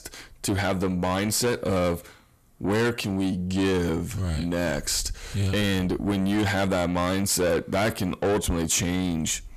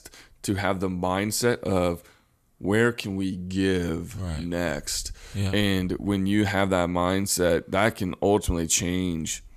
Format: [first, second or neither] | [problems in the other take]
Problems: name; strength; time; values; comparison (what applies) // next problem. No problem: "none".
second | distortion; heavy; 7 dB below the speech